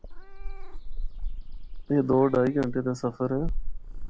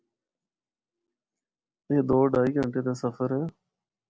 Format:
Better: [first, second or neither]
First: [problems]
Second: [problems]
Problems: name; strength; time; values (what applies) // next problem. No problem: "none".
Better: second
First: background sound (Meow / Purr); 3 dB below the speech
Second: none